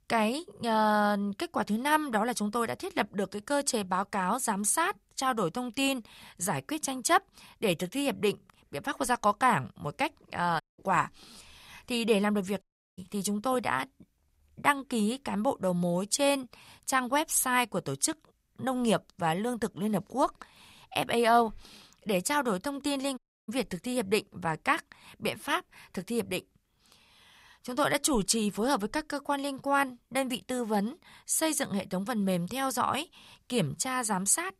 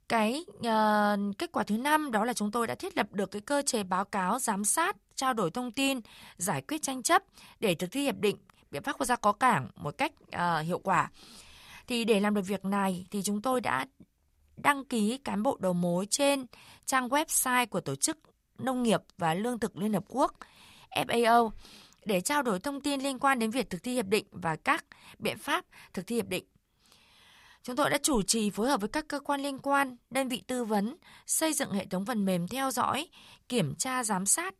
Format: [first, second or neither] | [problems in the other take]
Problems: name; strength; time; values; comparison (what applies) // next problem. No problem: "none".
second | audio cutting out; at 11 s, at 13 s and at 23 s